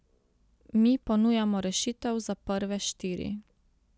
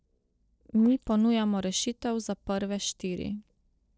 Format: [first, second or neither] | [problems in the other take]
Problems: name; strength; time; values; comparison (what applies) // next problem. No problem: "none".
first | noise reduction (neural separator model SepFormer DNS4)